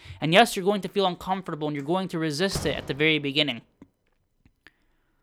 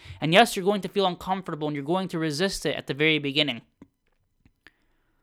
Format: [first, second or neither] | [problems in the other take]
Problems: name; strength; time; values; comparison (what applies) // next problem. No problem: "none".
second | door banging; faint; at 2.5 s; peak 10 dB below the speech